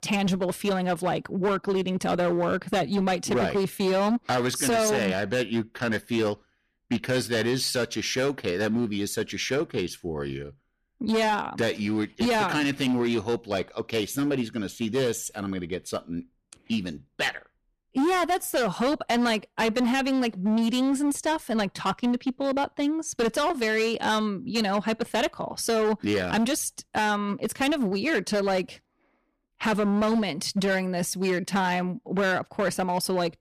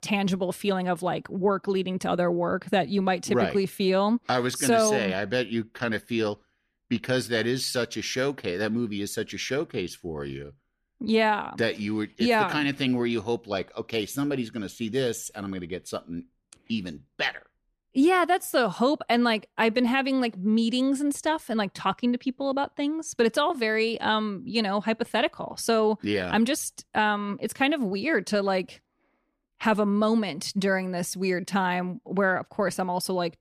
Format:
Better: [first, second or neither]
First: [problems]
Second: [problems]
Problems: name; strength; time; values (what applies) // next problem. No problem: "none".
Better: second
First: distortion; slight; 13% of the sound clipped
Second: none